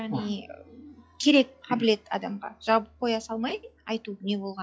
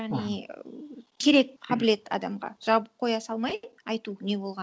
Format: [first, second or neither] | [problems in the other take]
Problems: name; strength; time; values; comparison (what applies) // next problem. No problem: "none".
second | noise reduction (classical method log-MMSE)